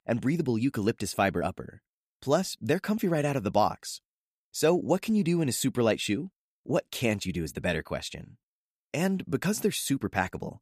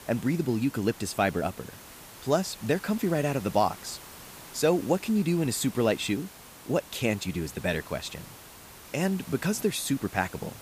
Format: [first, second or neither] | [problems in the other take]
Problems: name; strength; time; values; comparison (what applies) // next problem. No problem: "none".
first | hiss; noticeable; throughout; 15 dB below the speech